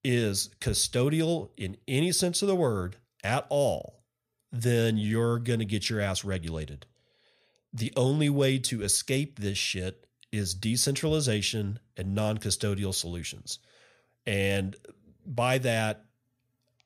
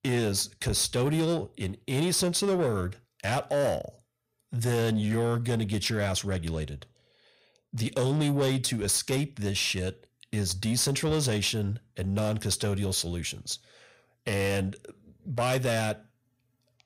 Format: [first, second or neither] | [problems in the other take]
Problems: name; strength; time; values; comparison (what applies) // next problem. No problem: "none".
first | distortion; slight; 10 dB below the speech